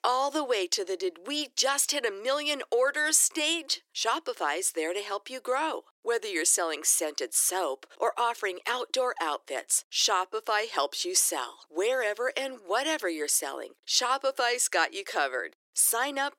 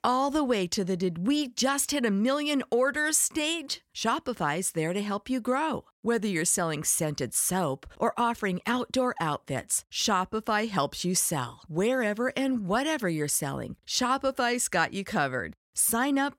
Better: second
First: thin; very; fading below 350 Hz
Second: none

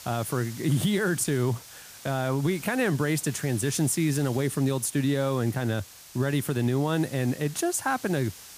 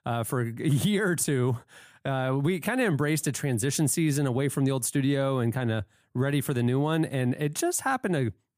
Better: second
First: hiss; noticeable; throughout; 15 dB below the speech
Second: none

